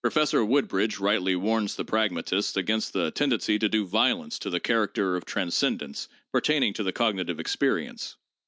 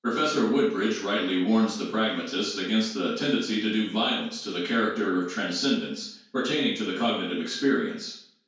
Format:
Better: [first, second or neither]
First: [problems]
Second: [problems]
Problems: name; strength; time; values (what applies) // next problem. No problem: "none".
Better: first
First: none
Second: room echo; dies away in 0.5 s